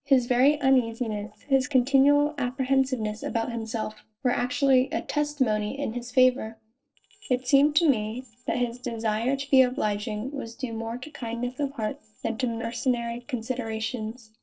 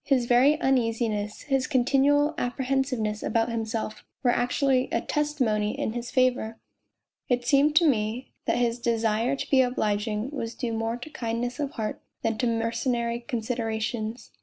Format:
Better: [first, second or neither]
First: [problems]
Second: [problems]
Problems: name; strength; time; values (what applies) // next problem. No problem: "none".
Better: second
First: noise reduction (neural separator model SepFormer DNS4)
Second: none